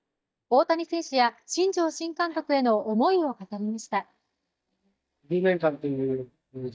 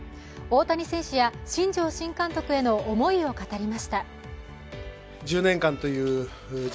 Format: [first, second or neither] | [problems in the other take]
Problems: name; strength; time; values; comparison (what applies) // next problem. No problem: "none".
second | noise reduction (neural mask model DeepFilterNet 3)